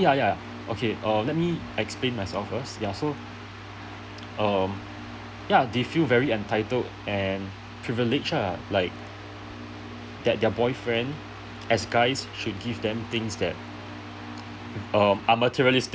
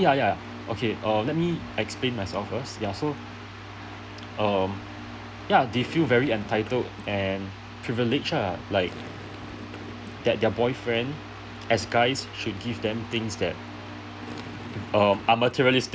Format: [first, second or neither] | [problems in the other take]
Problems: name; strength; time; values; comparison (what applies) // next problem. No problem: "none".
first | background sound (Gurgling); 17 dB below the speech